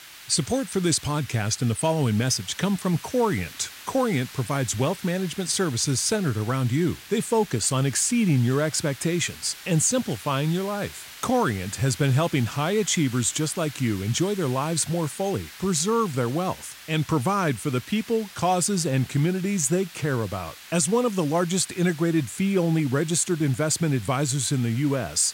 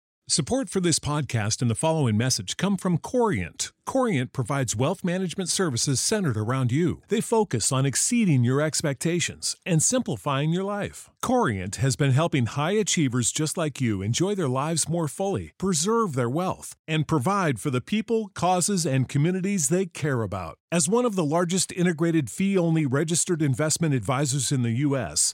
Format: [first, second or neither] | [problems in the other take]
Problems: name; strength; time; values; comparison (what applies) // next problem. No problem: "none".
second | hiss; noticeable; throughout; 15 dB below the speech